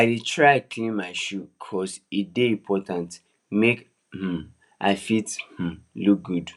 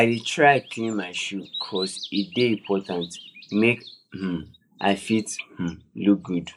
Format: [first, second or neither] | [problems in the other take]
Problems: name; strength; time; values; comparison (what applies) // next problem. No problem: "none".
first | noise reduction (neural mask model Resemble Enhance denoiser)